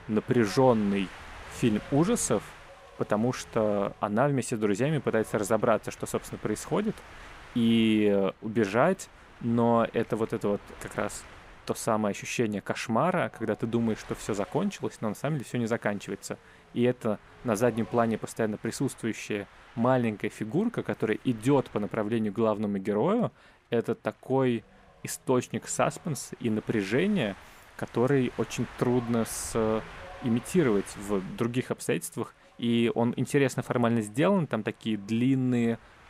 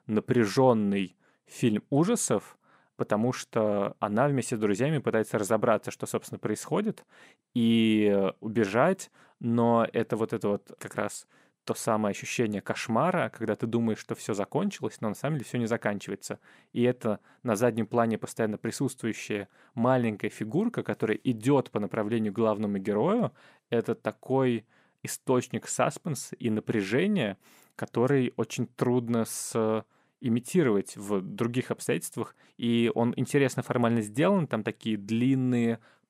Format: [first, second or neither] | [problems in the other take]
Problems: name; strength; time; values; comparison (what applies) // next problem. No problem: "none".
second | wind noise on the microphone; occasional gusts; 20 dB below the speech